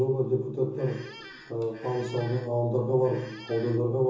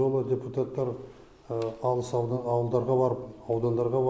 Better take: second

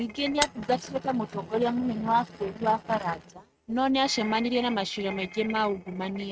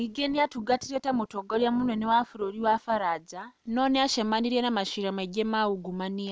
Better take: second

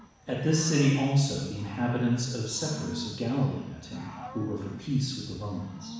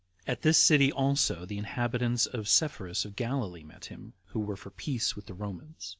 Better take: second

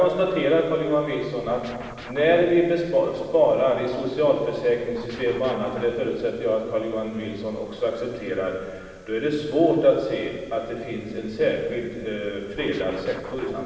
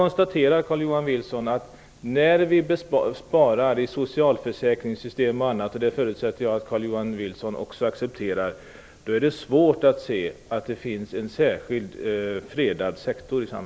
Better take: second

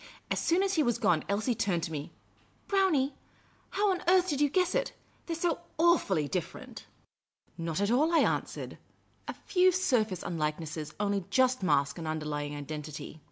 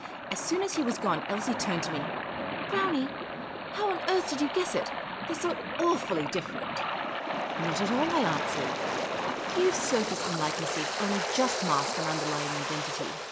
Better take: first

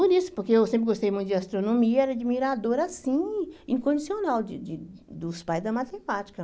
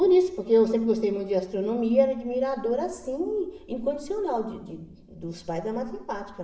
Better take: first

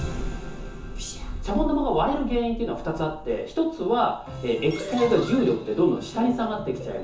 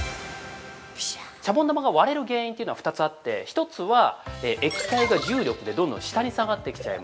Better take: second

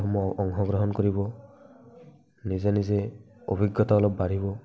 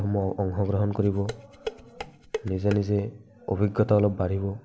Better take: first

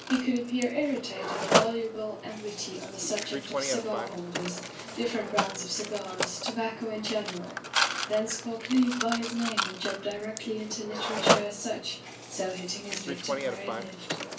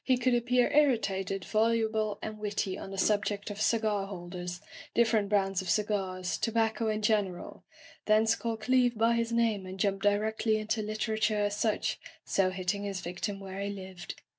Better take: second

